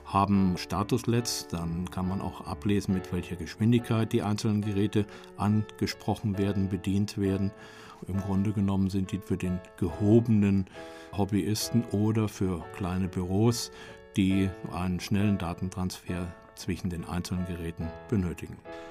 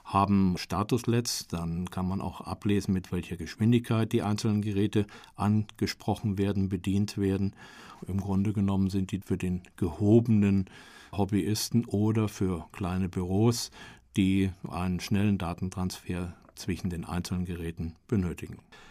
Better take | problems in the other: second | background music; noticeable; throughout; 20 dB below the speech

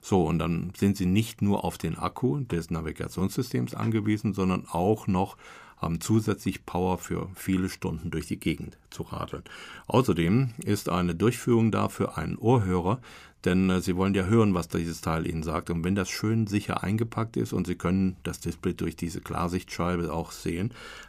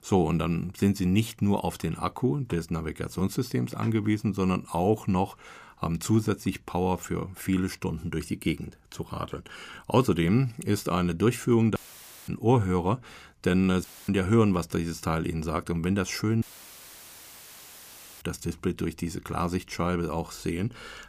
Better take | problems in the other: first | audio cutting out; filled with static; at 12 s for 0.5 s, at 14 s and at 16 s for 2 s

